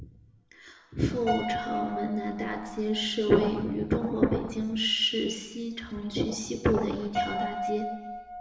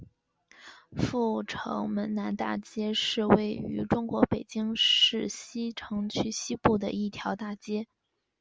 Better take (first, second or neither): second